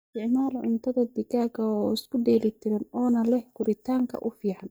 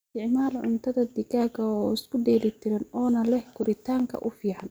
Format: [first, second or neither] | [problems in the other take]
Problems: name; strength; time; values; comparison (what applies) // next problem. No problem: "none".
second | noise reduction (neural mask model DeepFilterNet 3)